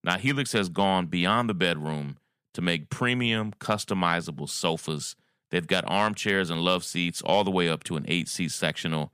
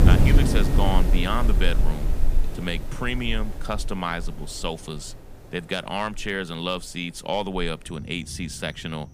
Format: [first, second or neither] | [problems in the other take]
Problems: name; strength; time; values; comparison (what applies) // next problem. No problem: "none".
first | rain or running water; very loud; throughout; 4 dB above the speech